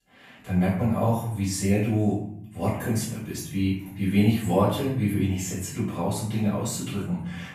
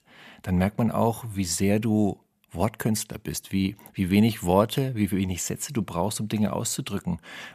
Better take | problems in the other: second | off-mic speech; far // room echo; noticeable; dies away in 0.7 s

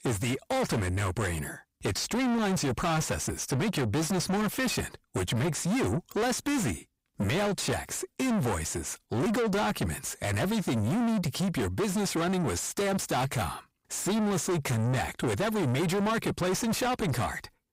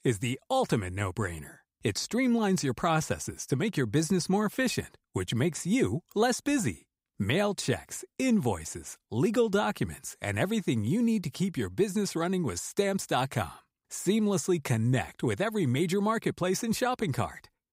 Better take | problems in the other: second | distortion; heavy; 6 dB below the speech

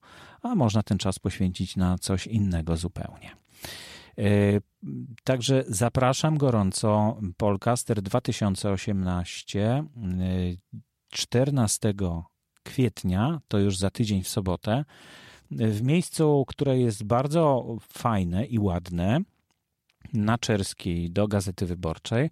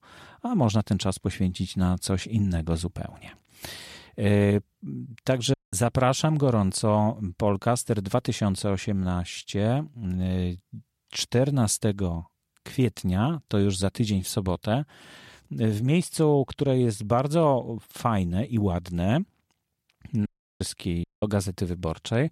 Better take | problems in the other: first | audio cutting out; at 5.5 s, at 20 s and at 21 s

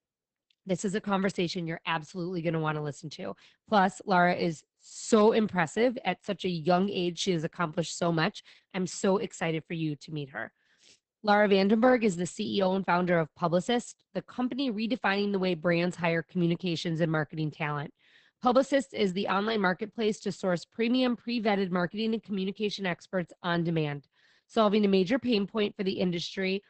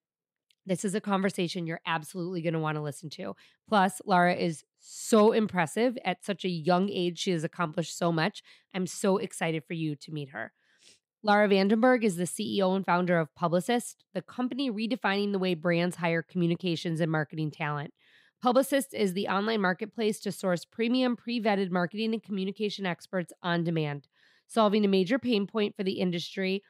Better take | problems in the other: second | garbled, watery; badly; nothing above 8 kHz

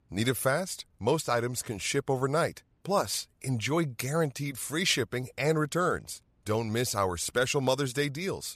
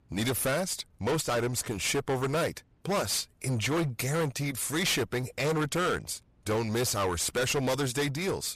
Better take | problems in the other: first | distortion; heavy; 20% of the sound clipped

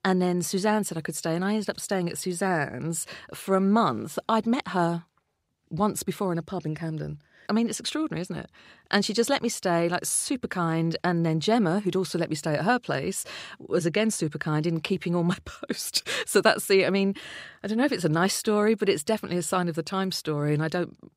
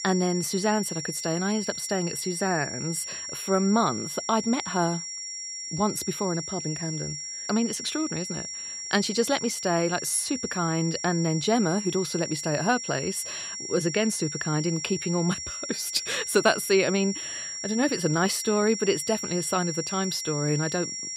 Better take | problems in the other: first | high-pitched whine; loud; throughout; 5.5 kHz, 6 dB below the speech

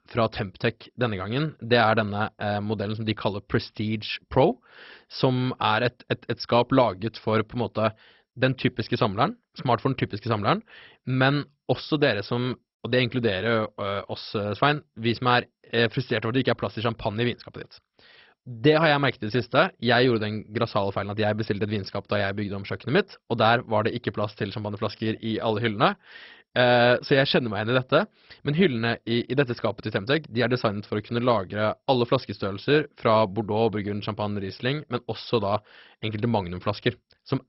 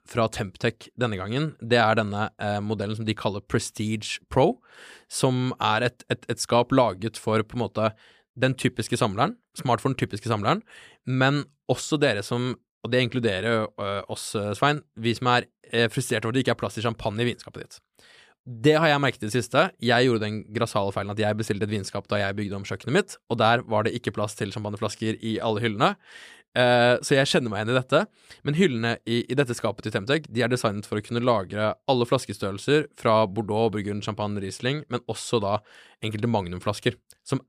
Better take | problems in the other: second | garbled, watery; badly; nothing above 5.5 kHz

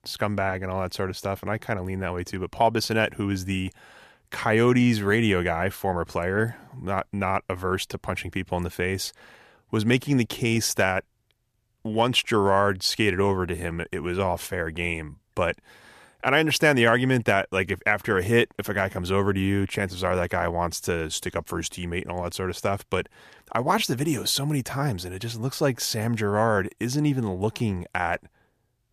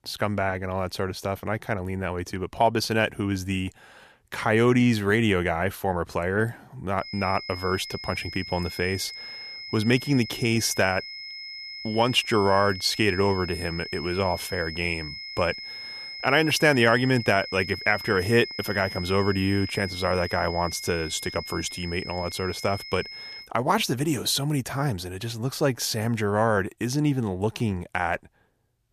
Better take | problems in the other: first | high-pitched whine; noticeable; from 7 to 23 s; 5 kHz, 10 dB below the speech

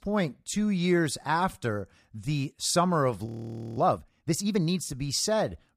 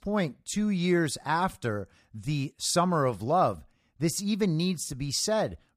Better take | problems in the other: second | audio freezing; at 3.5 s for 0.5 s

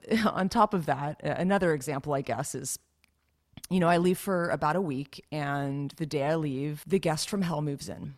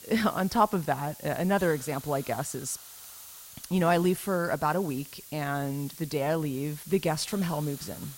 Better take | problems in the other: first | hiss; noticeable; throughout; 15 dB below the speech

